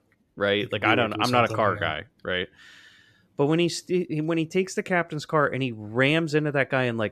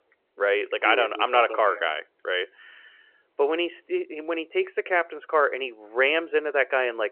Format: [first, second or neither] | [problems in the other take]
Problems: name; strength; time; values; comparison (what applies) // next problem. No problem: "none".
first | phone-call audio; nothing above 3 kHz